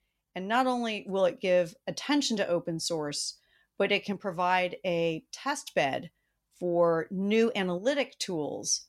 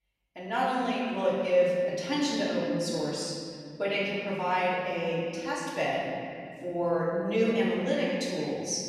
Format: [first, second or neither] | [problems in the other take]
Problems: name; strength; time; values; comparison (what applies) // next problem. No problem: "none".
first | room echo; strong; dies away in 2.4 s // off-mic speech; far